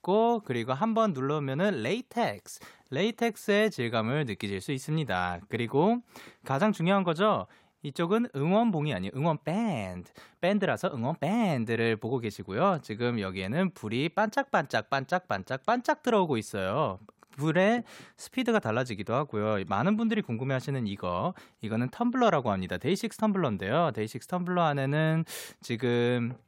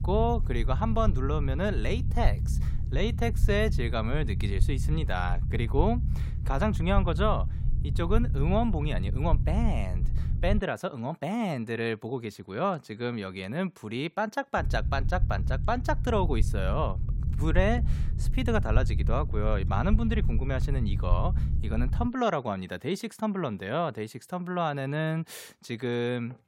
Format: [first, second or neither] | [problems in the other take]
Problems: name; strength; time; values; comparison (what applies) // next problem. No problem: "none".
first | low rumble; noticeable; until 11 s and from 15 to 22 s; 15 dB below the speech